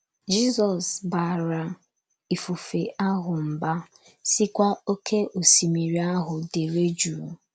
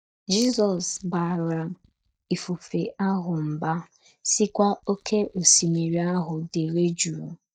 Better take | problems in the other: first | noise reduction (neural mask model DeepFilterNet 3)

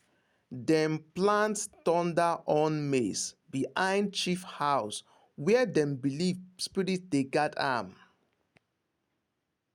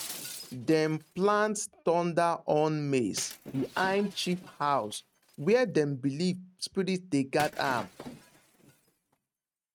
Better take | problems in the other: first | noise reduction (neural mask model RNNoise)

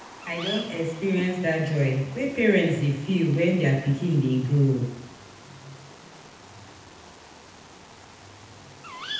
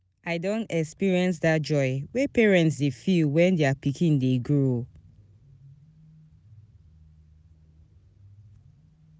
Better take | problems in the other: second | background sound (Bird vocalization, bird call, bird song); 16 dB below the speech // room echo; dies away in 0.8 s

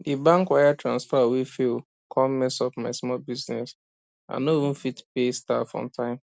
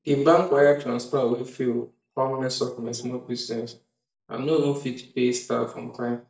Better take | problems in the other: first | noise reduction (neural mask model DeepFilterNet 3)

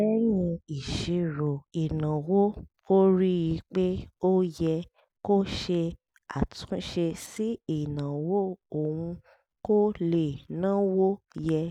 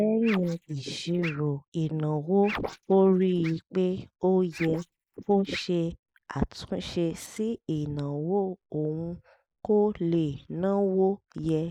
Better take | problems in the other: first | noise reduction (neural mask model Resemble Enhance denoiser)

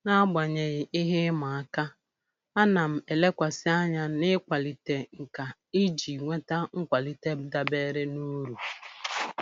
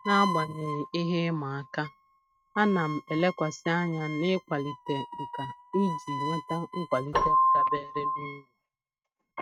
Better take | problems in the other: first | noise reduction (neural mask model RNNoise)

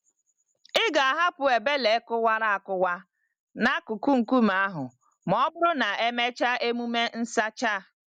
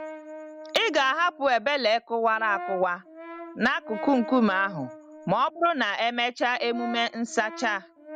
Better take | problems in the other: first | background sound (Brass instrument); 15 dB below the speech

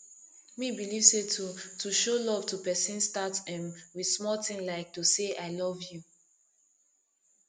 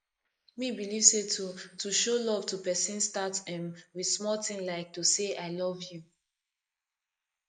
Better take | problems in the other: first | noise reduction (neural mask model Resemble Enhance denoiser)

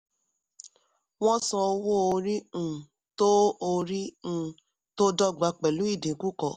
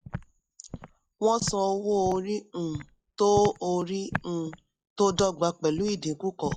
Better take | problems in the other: first | noise reduction (classical method log-MMSE)

